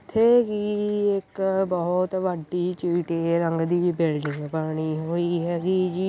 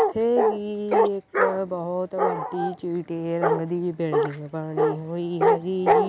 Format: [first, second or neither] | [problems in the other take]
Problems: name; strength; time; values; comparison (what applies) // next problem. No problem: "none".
first | background sound (Bark); 2 dB above the speech